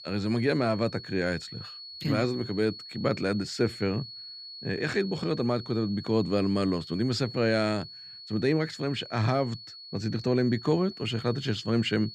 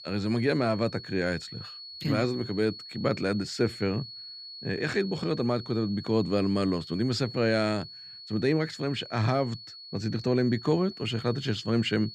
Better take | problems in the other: neither | high-pitched whine; noticeable; throughout; 4.5 kHz, 15 dB below the speech; the same in both

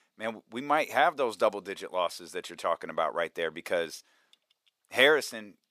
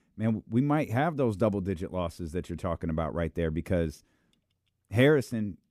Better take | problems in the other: second | thin; very; fading below 800 Hz

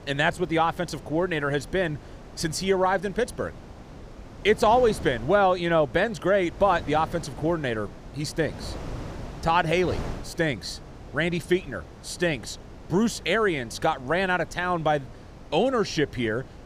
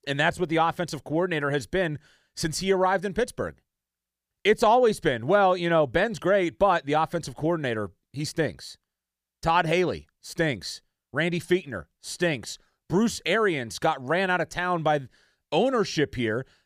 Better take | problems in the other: second | wind noise on the microphone; occasional gusts; 20 dB below the speech

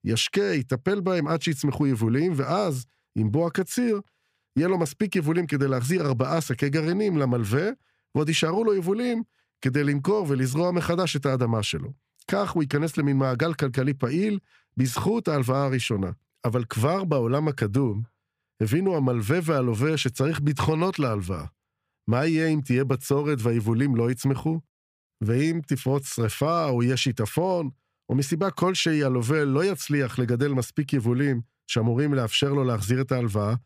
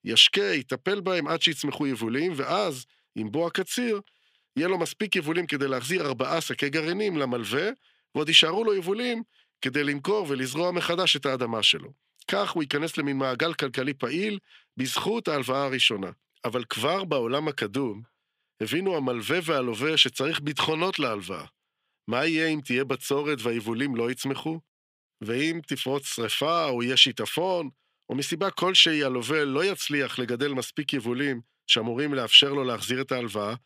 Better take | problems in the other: first | thin; very slightly; fading below 250 Hz

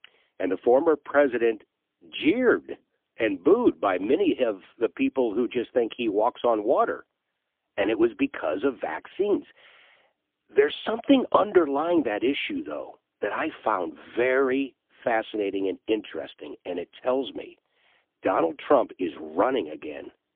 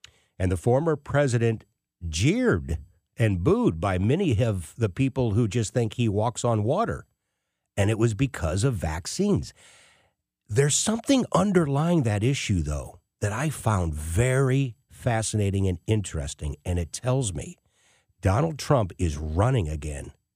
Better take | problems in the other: second | phone-call audio; poor line; nothing above 3.5 kHz

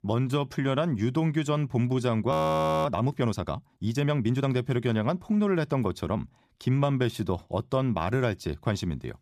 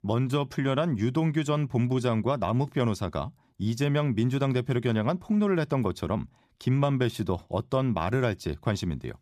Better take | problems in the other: second | audio freezing; at 2.5 s for 0.5 s

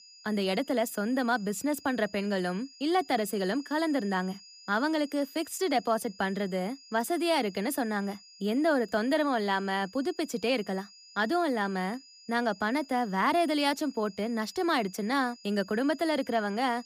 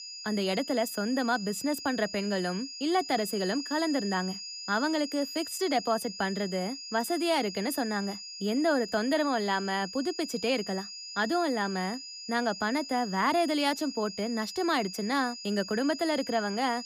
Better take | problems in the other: first | high-pitched whine; loud; throughout; 5 kHz, 9 dB below the speech; faint in the first

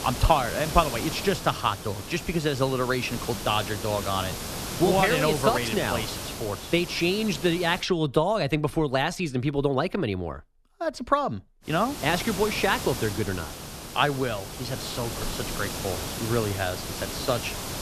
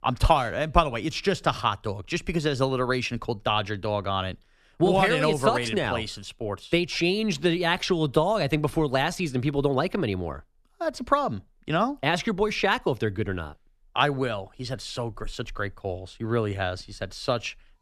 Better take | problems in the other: second | hiss; loud; until 8 s and from 12 s on; 7 dB below the speech

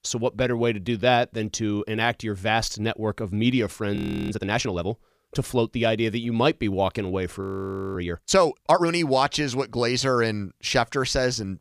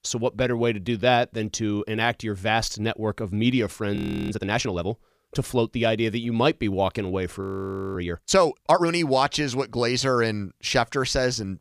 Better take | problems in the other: neither | audio freezing; at 4 s and at 7.5 s for 0.5 s; the same in both

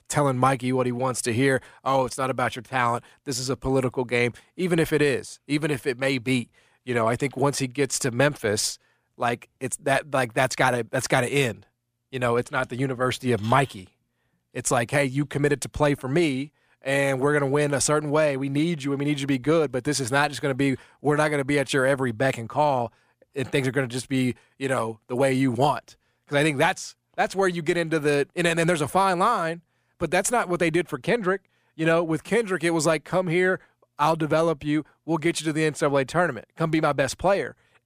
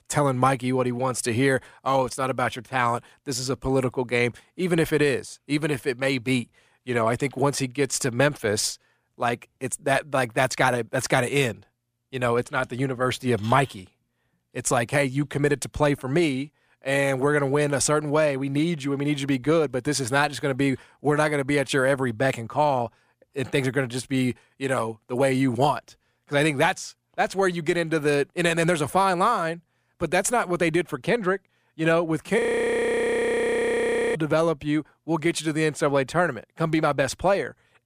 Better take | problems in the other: first | audio freezing; at 32 s for 2 s

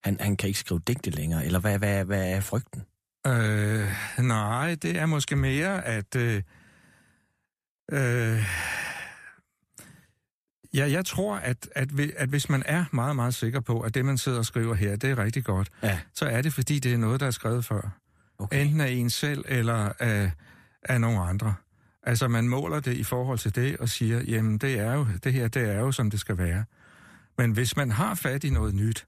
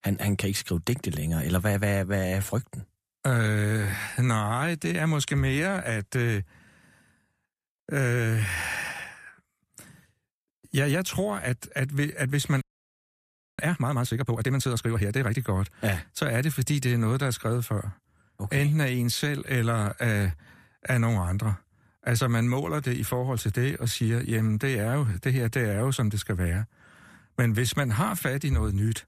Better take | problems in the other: first | audio freezing; at 13 s for 1 s

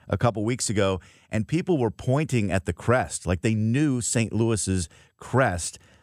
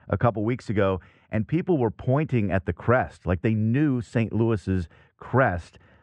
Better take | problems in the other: first | muffled; very; fading above 1.5 kHz

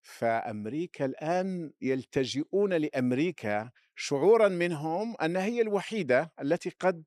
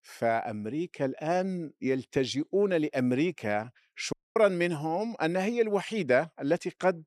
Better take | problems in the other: first | audio cutting out; at 4 s

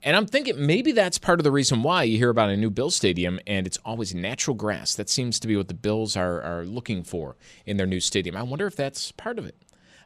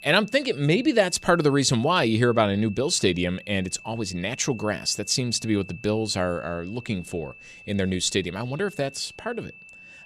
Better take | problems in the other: first | high-pitched whine; noticeable; throughout; 2.5 kHz, 20 dB below the speech

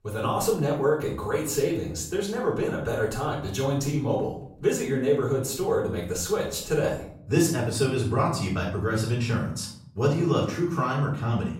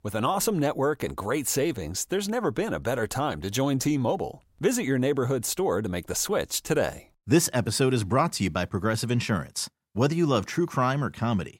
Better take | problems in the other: second | off-mic speech; far // room echo; noticeable; dies away in 0.6 s

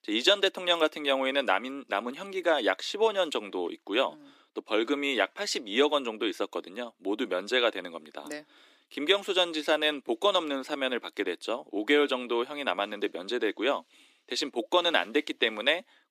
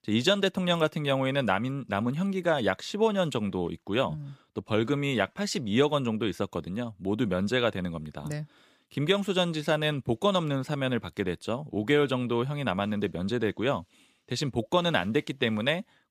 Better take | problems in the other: second | thin; somewhat; fading below 300 Hz

